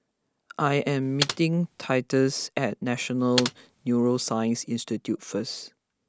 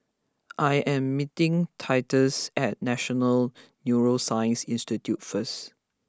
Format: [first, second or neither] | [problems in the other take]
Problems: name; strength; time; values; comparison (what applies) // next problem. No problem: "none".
second | background sound (Computer keyboard); 7 dB below the speech